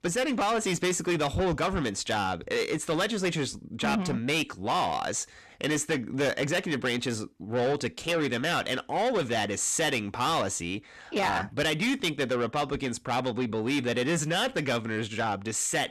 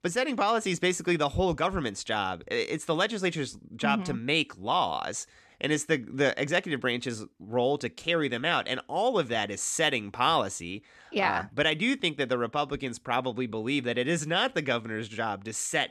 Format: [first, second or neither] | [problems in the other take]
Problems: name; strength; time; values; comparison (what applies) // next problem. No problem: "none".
second | distortion; heavy; 8 dB below the speech